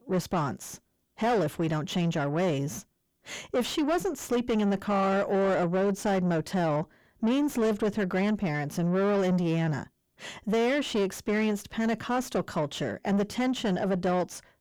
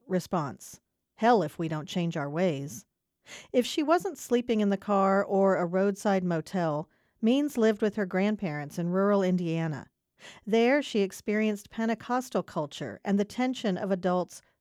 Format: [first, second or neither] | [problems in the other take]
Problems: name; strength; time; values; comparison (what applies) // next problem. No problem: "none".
second | distortion; heavy; 7 dB below the speech